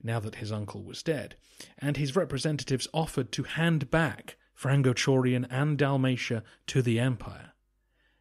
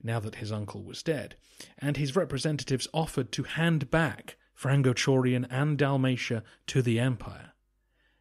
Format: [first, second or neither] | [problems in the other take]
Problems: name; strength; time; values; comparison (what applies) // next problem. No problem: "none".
neither | none